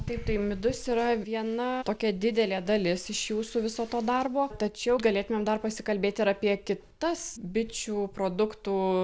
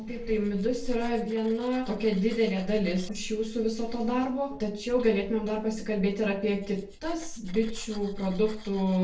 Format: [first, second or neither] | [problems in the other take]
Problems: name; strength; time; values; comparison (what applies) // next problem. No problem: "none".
first | noise reduction (neural separator model SepFormer DNS4)